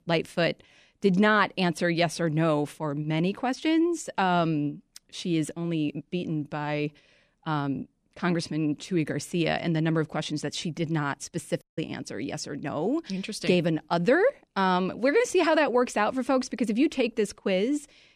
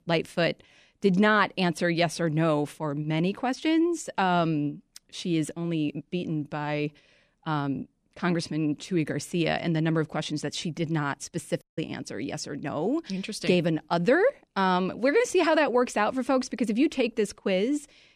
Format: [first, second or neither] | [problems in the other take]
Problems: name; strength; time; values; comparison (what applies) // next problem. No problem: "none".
neither | audio cutting out; at 12 s; the same in both